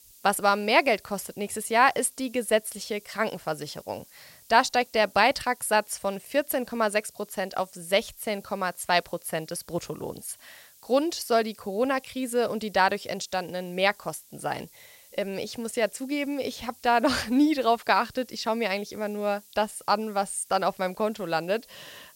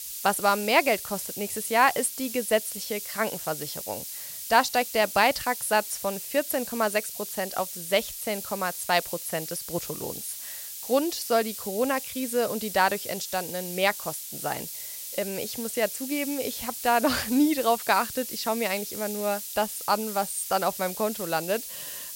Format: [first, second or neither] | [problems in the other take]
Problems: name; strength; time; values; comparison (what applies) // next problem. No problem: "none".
first | hiss; loud; throughout; 7 dB below the speech; faint in the first